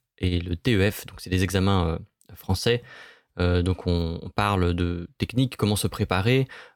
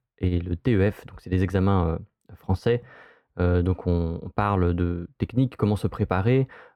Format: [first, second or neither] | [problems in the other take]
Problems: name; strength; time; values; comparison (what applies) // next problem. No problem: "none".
first | muffled; very; fading above 2.5 kHz